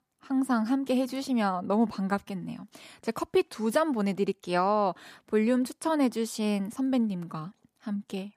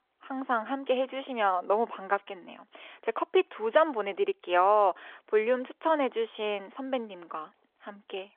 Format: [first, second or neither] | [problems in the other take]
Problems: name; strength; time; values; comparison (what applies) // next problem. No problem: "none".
first | phone-call audio; nothing above 3.5 kHz